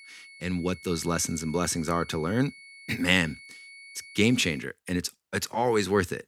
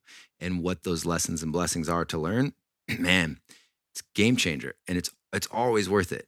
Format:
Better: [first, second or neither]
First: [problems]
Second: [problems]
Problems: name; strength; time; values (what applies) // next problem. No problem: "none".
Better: second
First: high-pitched whine; noticeable; until 4.5 s; 2 kHz, 20 dB below the speech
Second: none